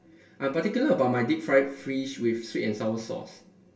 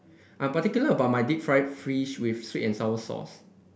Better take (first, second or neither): second